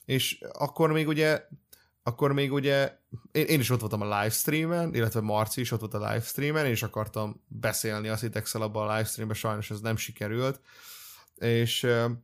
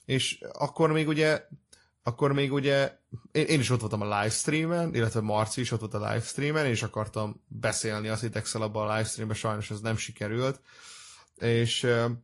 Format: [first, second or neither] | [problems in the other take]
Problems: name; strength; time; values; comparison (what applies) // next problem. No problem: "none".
first | garbled, watery; slightly; nothing above 11 kHz